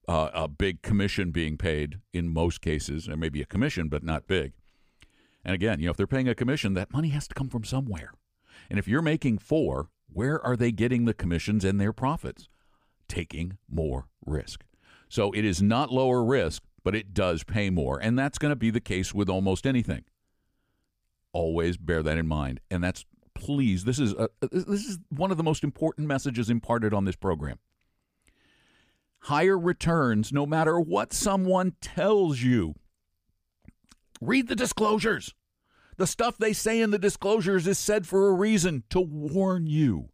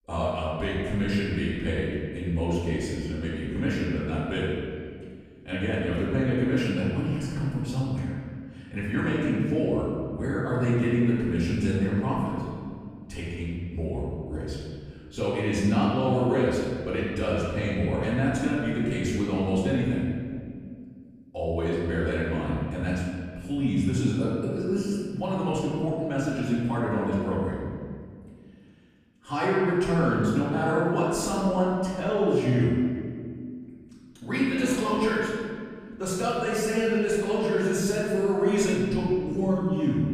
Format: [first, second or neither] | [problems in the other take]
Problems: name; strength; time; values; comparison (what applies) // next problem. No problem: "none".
first | room echo; strong; dies away in 1.9 s // off-mic speech; far